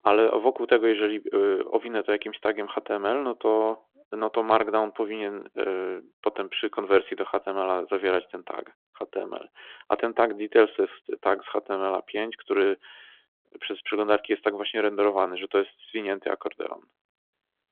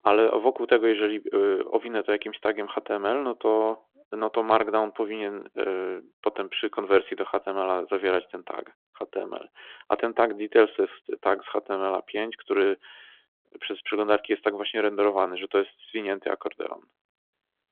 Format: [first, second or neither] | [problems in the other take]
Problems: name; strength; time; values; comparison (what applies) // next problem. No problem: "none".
neither | phone-call audio; the same in both